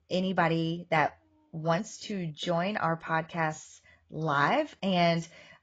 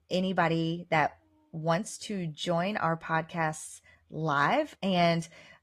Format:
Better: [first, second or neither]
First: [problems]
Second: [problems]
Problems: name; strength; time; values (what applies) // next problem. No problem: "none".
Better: second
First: garbled, watery; badly; nothing above 7.5 kHz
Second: garbled, watery; slightly; nothing above 14.5 kHz